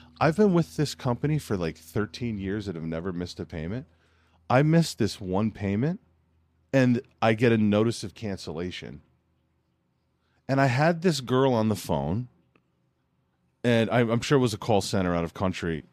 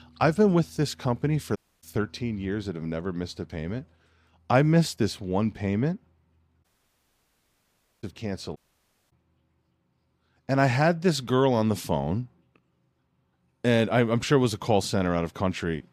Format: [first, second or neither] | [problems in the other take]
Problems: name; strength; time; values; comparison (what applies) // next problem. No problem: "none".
first | audio cutting out; at 1.5 s, at 6.5 s for 1.5 s and at 8.5 s for 0.5 s